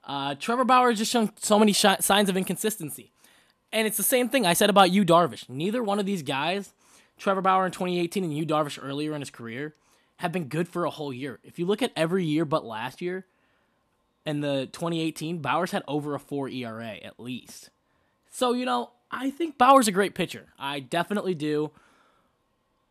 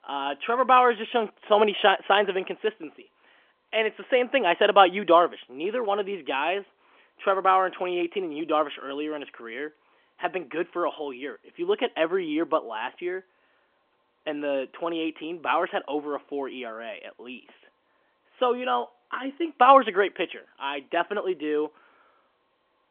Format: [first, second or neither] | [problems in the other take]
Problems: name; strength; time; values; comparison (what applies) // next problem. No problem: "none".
first | phone-call audio; nothing above 3.5 kHz